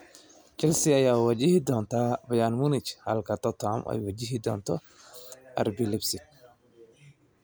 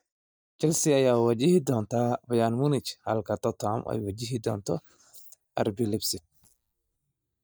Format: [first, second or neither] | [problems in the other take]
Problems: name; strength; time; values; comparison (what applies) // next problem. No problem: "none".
first | noise reduction (neural mask model DeepFilterNet 3)